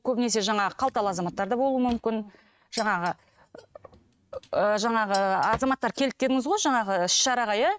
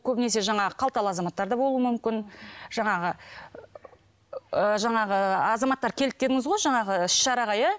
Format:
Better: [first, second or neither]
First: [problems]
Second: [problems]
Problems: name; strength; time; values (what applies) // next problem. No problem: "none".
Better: second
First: noise reduction (neural mask model RNNoise)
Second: none